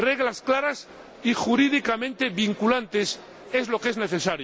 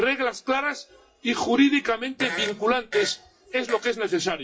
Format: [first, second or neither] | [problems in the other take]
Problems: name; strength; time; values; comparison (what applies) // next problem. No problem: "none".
first | noise reduction (classical method WPE with log-MMSE)